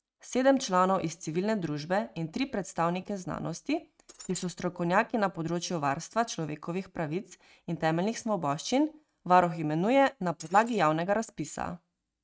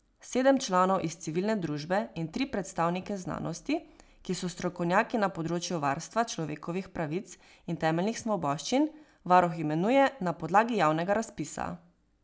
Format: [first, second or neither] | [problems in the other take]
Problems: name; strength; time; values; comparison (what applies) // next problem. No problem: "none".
second | noise reduction (neural mask model RNNoise)